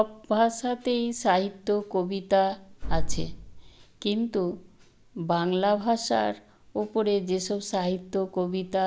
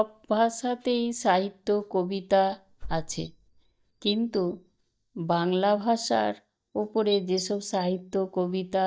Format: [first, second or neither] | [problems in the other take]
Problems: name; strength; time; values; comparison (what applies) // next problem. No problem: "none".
first | noise reduction (neural mask model DeepFilterNet 3)